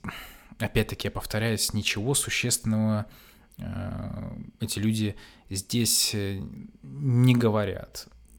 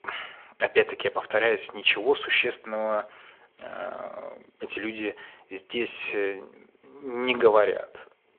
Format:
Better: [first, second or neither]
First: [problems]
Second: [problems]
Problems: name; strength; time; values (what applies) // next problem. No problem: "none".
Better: first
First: none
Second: phone-call audio